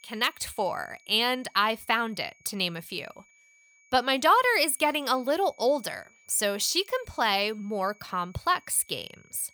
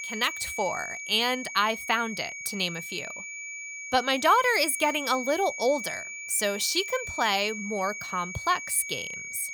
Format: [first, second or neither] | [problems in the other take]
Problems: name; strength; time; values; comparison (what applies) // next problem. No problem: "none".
first | high-pitched whine; loud; throughout; 2.5 kHz, 8 dB below the speech; faint in the first